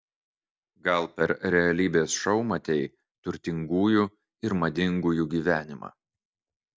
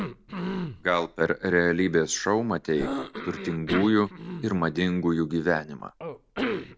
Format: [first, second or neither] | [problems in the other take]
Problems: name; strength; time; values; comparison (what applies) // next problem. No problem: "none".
first | background sound (Cough); 9 dB below the speech